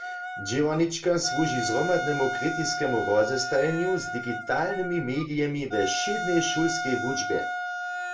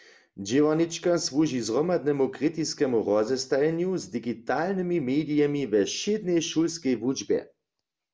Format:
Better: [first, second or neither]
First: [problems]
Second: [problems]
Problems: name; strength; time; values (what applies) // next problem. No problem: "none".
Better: second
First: background sound (Wind instrument, woodwind instrument); 5 dB below the speech // room echo; dies away in 0.2 s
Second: none